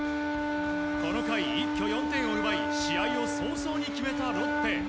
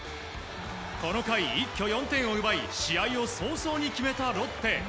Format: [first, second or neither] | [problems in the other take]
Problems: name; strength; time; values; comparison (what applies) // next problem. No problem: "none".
second | background sound (Wind instrument, woodwind instrument); 3 dB above the speech